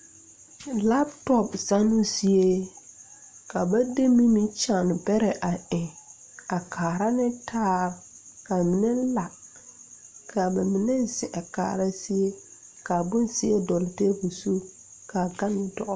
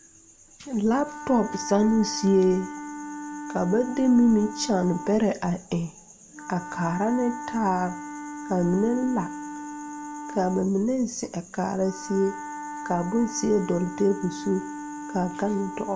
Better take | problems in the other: first | background sound (Wind instrument, woodwind instrument); 11 dB below the speech // room echo; dies away in 0.6 s

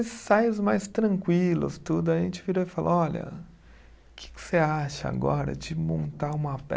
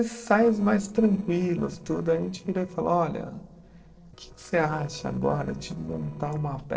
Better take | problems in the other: first | noise reduction (neural separator model SepFormer DNS4)

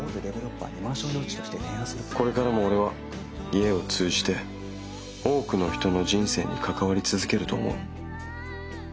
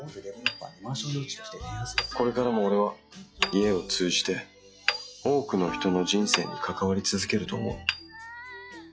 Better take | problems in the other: first | noise reduction (classical method log-MMSE)

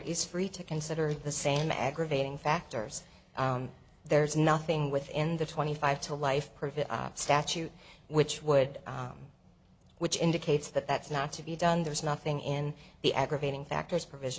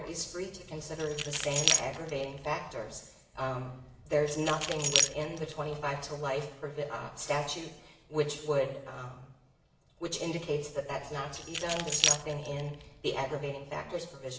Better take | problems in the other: first | background sound (Keys jangling); as loud as the speech // room echo; dies away in 0.8 s

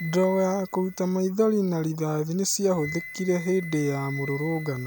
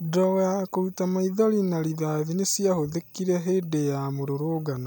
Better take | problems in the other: second | background sound (Wind instrument, woodwind instrument); 16 dB below the speech

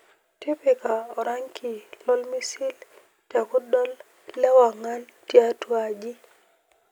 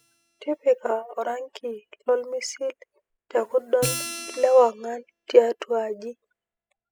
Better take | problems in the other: first | noise reduction (classical method spectral subtraction)

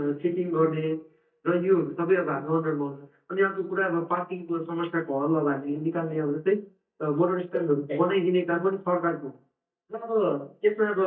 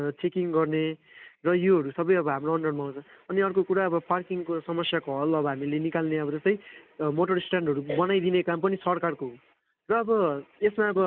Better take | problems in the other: second | noise reduction (neural mask model DeepFilterNet 3)

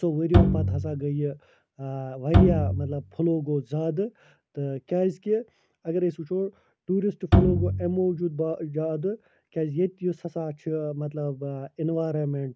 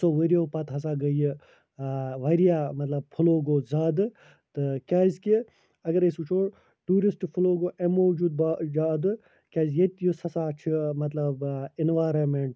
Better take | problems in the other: second | background sound (Bowed string instrument); 4 dB above the speech

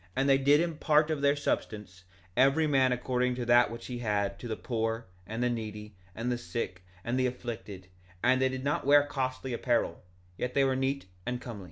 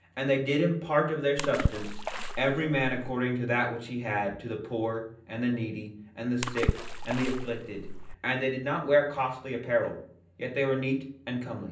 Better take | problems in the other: first | background sound (Water / Splash, splatter); 3 dB below the speech // room echo; dies away in 0.6 s

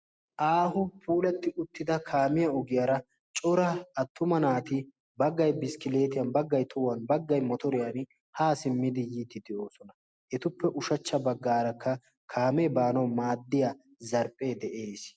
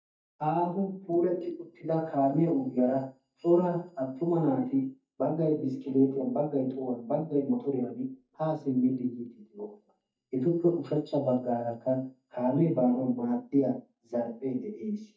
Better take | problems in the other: first | noise reduction (neural mask model DeepFilterNet 3)

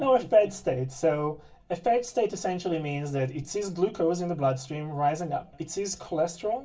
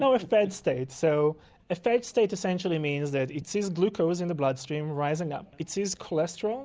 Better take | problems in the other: second | room echo; dies away in 0.2 s

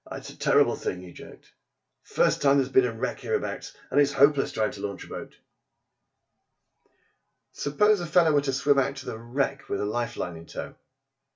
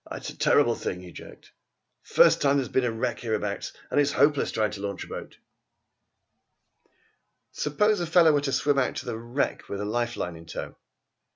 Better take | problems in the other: second | room echo; dies away in 0.2 s

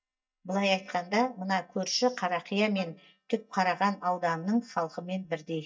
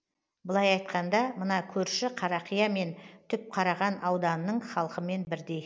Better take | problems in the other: second | noise reduction (neural mask model DeepFilterNet 3)

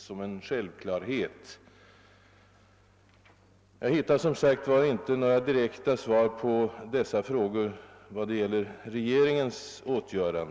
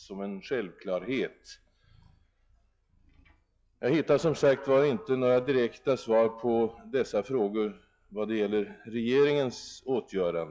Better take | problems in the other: first | noise reduction (classical method log-MMSE)

